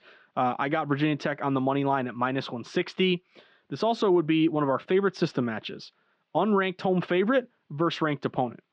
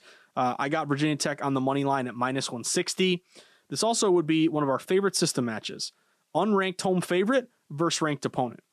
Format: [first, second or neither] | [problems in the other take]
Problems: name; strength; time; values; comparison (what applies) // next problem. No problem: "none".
second | muffled; slightly; fading above 3.5 kHz